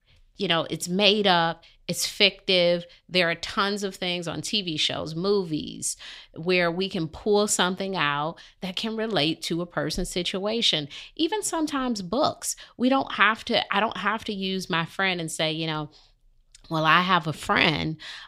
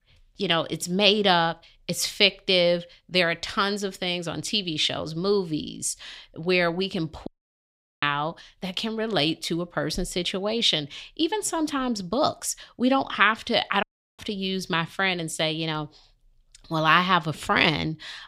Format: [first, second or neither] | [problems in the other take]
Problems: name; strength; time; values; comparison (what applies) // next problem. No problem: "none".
first | audio cutting out; at 7.5 s for 1 s and at 14 s